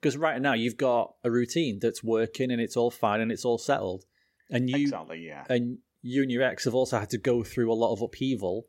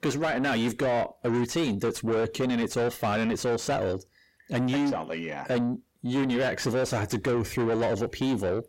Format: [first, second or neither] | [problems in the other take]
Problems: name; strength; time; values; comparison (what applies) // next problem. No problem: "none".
first | distortion; heavy; 7 dB below the speech